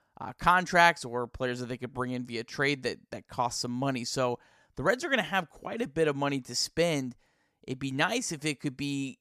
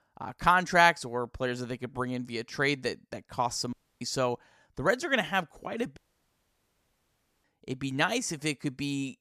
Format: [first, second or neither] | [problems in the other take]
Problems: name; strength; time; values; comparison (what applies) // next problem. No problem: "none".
first | audio cutting out; at 3.5 s and at 6 s for 1.5 s